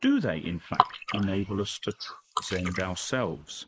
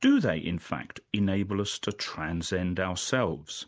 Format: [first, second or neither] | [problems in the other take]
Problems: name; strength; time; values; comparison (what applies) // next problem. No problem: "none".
second | noise reduction (neural mask model Resemble Enhance denoiser)